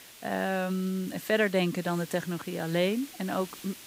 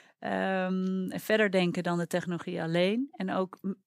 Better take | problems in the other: second | hiss; noticeable; throughout; 15 dB below the speech

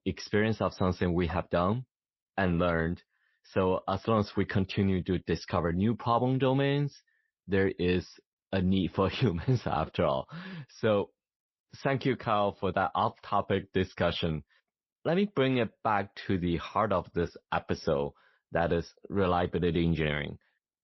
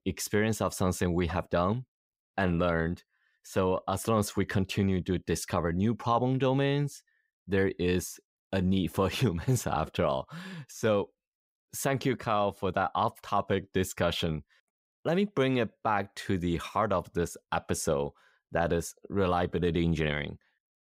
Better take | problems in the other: second | garbled, watery; slightly; nothing above 5.5 kHz

